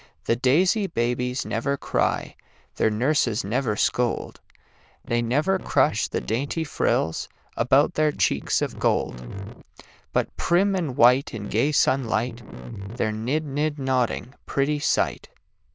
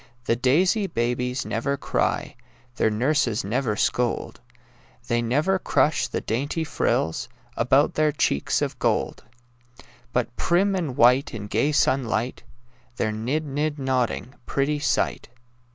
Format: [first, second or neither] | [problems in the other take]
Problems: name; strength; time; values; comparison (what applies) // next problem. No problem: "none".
second | noise reduction (neural diffusion model UNIVERSE++)